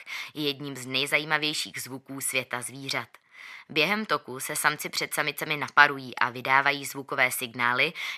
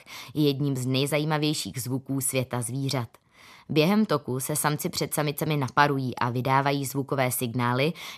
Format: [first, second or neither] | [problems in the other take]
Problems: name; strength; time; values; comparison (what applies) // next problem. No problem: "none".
second | thin; somewhat; fading below 450 Hz